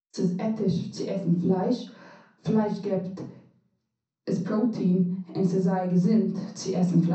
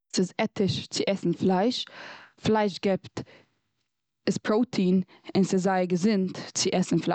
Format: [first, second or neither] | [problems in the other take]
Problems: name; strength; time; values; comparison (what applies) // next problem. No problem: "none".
second | room echo; dies away in 0.6 s